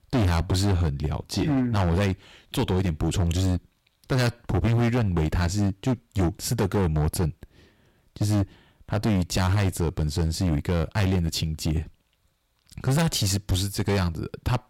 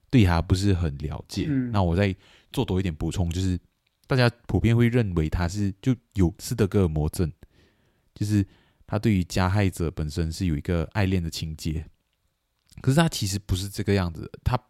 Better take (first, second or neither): second